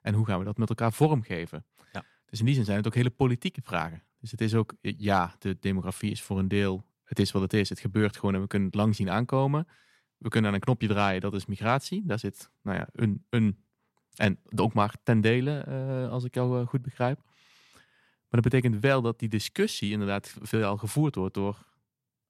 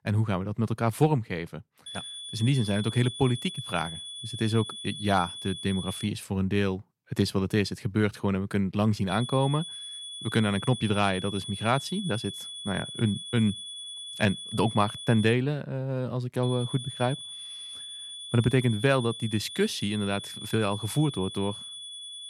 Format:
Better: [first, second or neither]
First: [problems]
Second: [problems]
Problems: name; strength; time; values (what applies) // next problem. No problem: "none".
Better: first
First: none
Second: high-pitched whine; loud; from 2 to 6 s, from 9 to 15 s and from 16 s on; 3.5 kHz, 9 dB below the speech